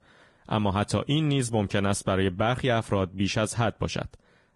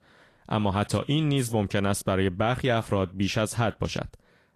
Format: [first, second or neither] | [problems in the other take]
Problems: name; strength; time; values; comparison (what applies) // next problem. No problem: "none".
second | garbled, watery; badly; nothing above 10.5 kHz; slightly in the second